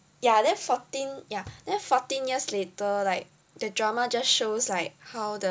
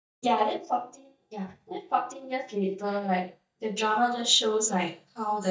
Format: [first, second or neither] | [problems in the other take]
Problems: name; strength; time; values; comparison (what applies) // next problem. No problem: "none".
first | noise reduction (neural mask model DeepFilterNet 3)